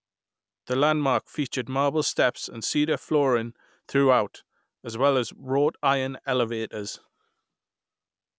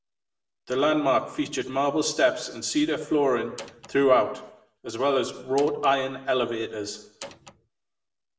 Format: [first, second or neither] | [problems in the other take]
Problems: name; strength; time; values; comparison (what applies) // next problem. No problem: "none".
first | background sound (Door); 17 dB below the speech // room echo; dies away in 0.6 s